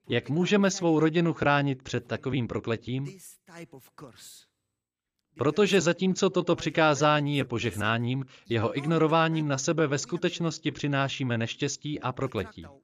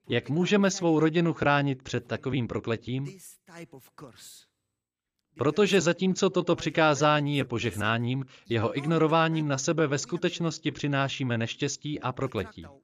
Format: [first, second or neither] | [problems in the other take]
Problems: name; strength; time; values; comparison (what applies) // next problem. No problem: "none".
neither | none